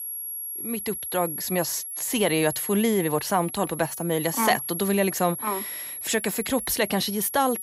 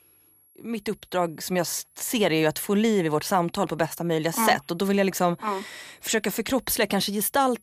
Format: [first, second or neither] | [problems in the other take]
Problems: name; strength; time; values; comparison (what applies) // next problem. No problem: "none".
second | high-pitched whine; loud; throughout; 11.5 kHz, 6 dB below the speech; faint in the second